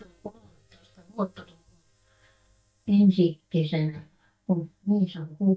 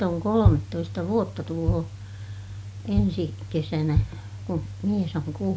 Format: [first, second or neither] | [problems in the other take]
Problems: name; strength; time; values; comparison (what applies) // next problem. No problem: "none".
second | noise reduction (neural mask model DeepFilterNet 3)